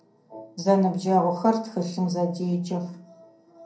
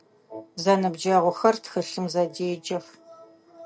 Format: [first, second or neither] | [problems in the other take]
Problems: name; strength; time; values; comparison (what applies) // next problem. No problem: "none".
second | room echo; dies away in 0.6 s